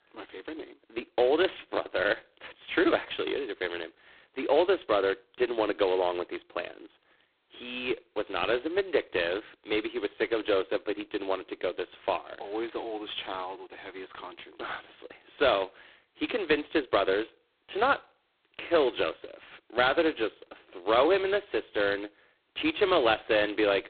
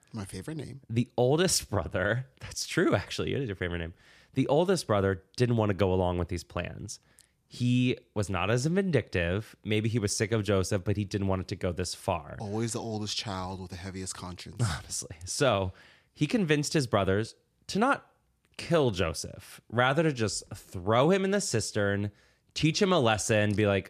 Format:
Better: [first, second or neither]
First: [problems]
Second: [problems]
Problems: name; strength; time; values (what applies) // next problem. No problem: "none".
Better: second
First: phone-call audio; poor line; nothing above 4 kHz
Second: none